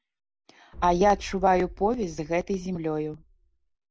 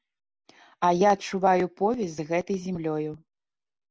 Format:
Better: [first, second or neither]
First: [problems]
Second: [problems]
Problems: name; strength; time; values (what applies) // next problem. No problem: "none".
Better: second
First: background sound (Boom); 16 dB below the speech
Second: none